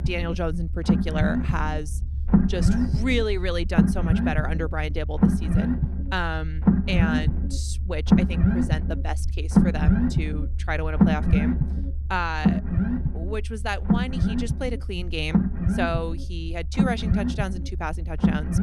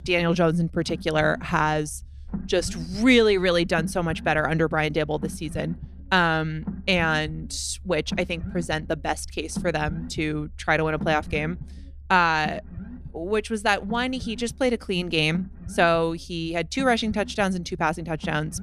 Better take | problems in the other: second | low rumble; loud; throughout; 1 dB below the speech; faint in the second

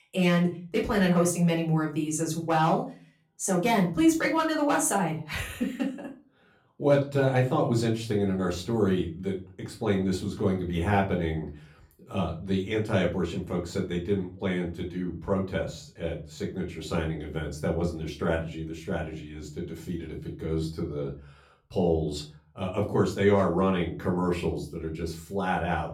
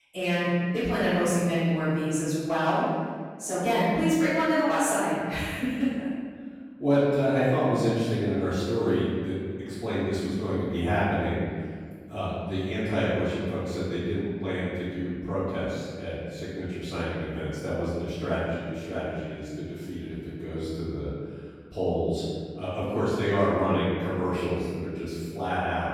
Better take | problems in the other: first | room echo; strong; dies away in 1.7 s; slight in the first // off-mic speech; far; far in the first

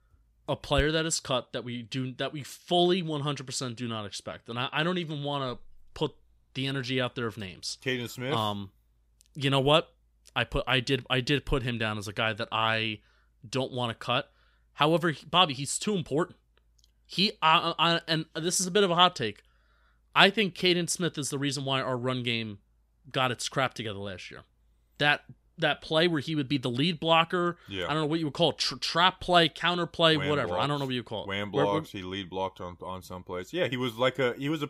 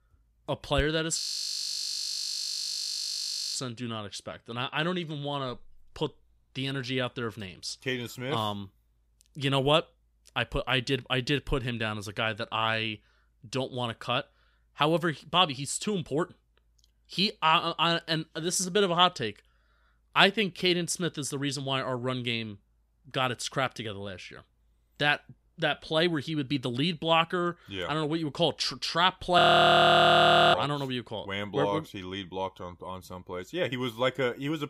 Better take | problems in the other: first | audio freezing; at 1 s for 2.5 s and at 29 s for 1 s

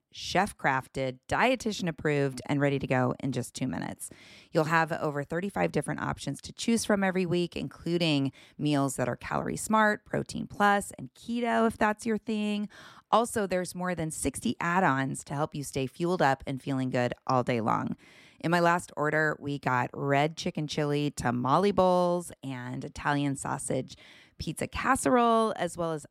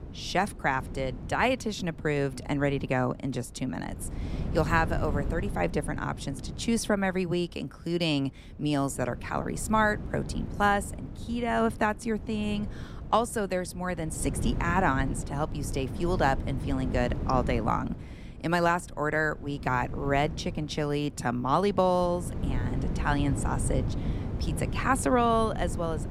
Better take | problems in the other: first | wind noise on the microphone; occasional gusts; 15 dB below the speech

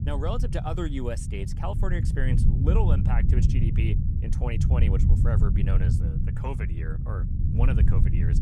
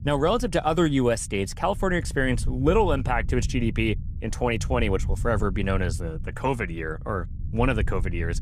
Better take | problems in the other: second | low rumble; loud; throughout; 3 dB below the speech; faint in the second

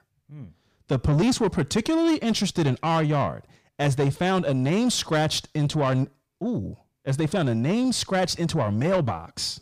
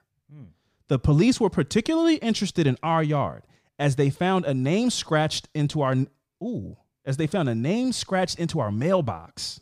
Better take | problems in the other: second | distortion; slight; 10 dB below the speech

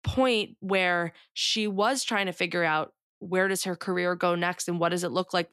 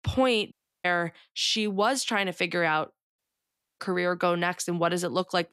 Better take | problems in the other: first | audio cutting out; at 0.5 s and at 3 s for 0.5 s

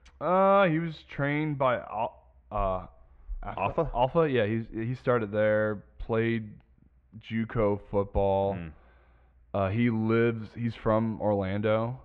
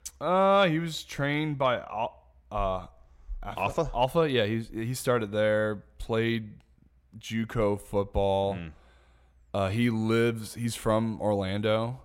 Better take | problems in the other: second | muffled; very; fading above 2.5 kHz

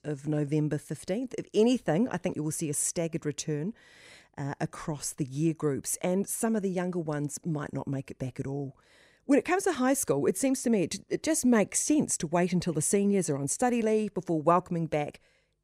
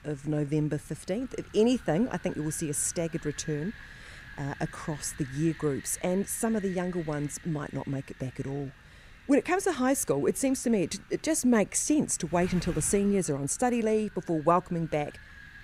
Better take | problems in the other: first | wind noise on the microphone; occasional gusts; 15 dB below the speech

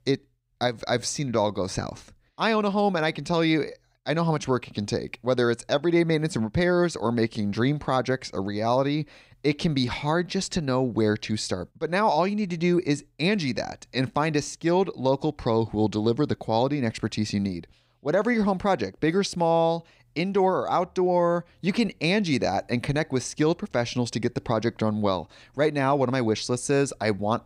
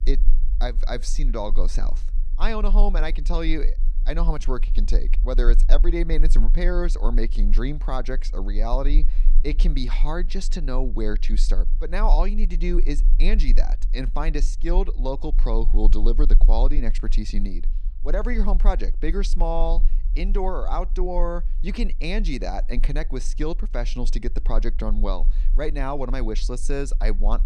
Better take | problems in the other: first | low rumble; faint; throughout; 20 dB below the speech

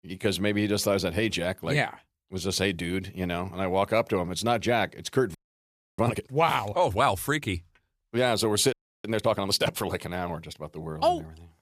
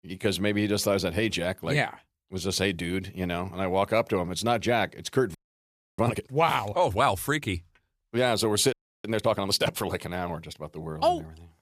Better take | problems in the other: neither | audio freezing; at 5.5 s for 0.5 s and at 8.5 s; the same in both

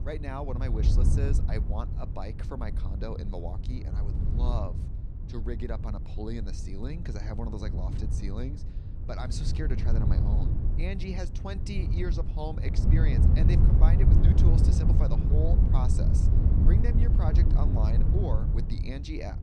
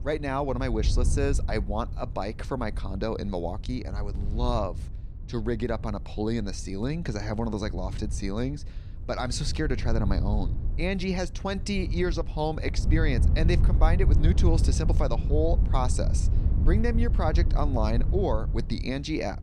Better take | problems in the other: second | wind noise on the microphone; heavy; 1 dB below the speech; occasional gusts in the second

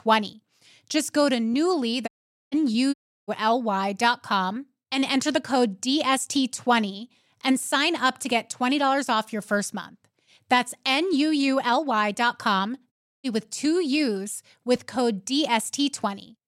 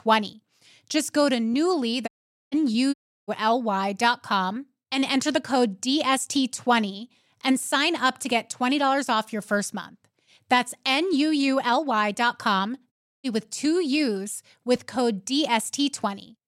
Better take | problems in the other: neither | audio cutting out; at 2 s, at 3 s and at 13 s; the same in both

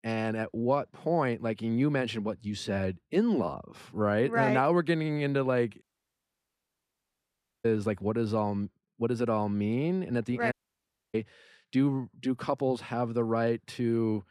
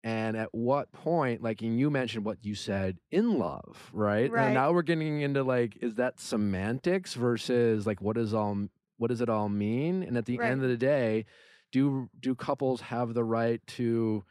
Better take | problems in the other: second | audio cutting out; at 6 s for 2 s and at 11 s for 0.5 s

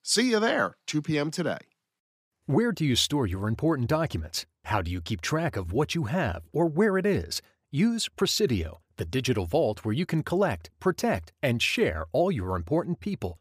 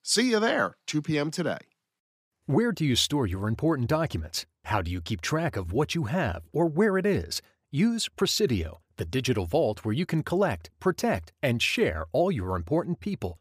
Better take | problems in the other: neither | none

